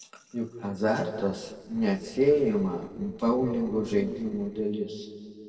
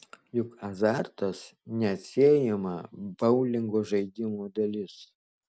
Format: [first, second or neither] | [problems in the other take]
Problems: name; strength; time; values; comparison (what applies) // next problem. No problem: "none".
second | noise reduction (neural separator model SepFormer DNS4)